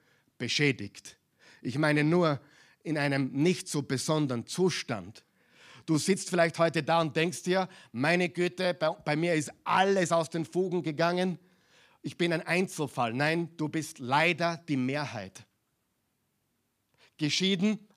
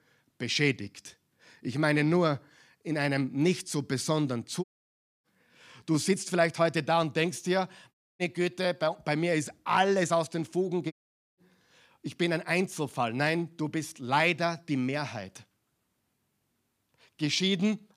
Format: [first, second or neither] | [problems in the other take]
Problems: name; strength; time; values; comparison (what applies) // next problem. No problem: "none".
first | audio cutting out; at 4.5 s for 0.5 s, at 8 s and at 11 s